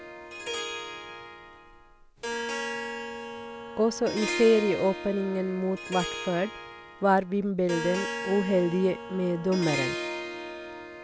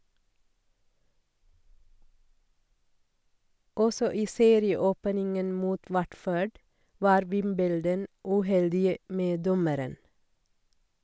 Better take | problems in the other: second | background sound (Harp); 7 dB below the speech

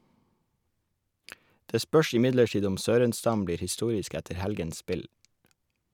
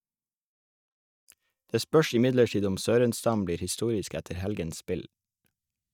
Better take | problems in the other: first | noise reduction (neural mask model DeepFilterNet 3)

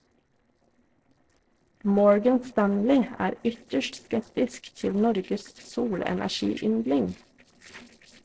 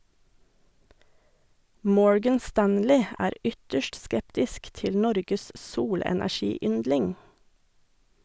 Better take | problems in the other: second | noise reduction (neural separator model SepFormer DNS4)

